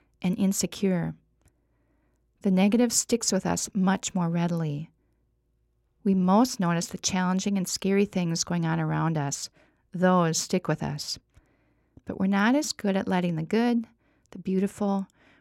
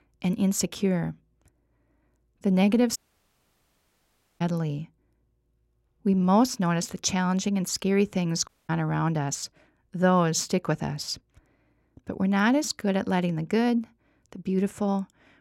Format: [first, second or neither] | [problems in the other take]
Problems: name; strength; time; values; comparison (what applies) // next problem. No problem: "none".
first | audio cutting out; at 3 s for 1.5 s and at 8.5 s